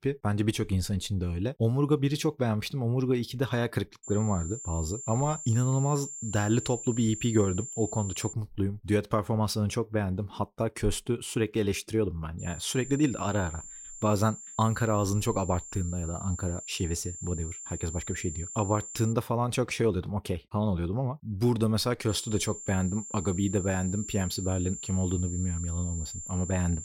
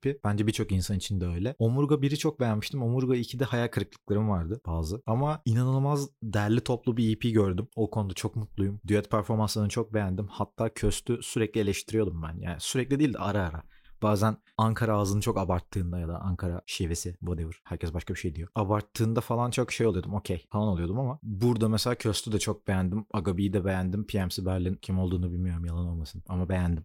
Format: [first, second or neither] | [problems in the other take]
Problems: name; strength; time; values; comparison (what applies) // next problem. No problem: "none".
second | high-pitched whine; loud; from 4 to 8.5 s, from 12 to 19 s and from 22 s on; 7.5 kHz, 9 dB below the speech